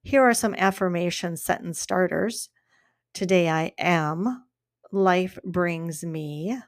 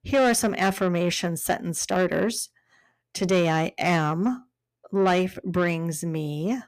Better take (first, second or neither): first